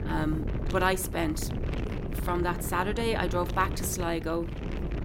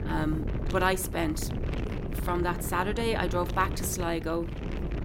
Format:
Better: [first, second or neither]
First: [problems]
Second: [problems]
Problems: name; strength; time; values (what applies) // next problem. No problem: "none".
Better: neither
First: wind noise on the microphone; occasional gusts; 10 dB below the speech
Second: wind noise on the microphone; occasional gusts; 10 dB below the speech